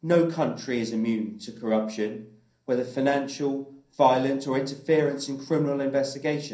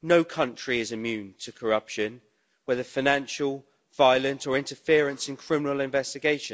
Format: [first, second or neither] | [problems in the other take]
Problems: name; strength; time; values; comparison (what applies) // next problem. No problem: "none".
second | room echo; dies away in 0.6 s